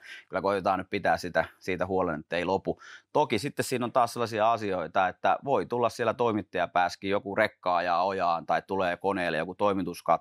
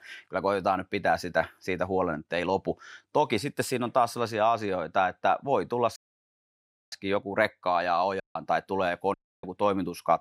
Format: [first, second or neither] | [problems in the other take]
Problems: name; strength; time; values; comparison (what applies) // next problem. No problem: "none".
first | audio cutting out; at 6 s for 1 s, at 8 s and at 9 s